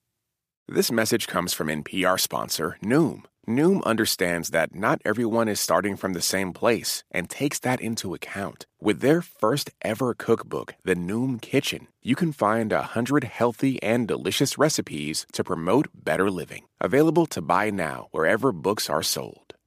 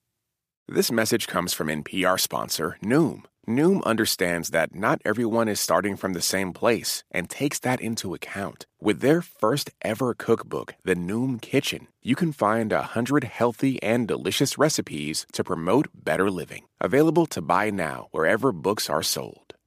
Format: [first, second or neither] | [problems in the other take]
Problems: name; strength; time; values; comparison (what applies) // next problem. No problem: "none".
neither | none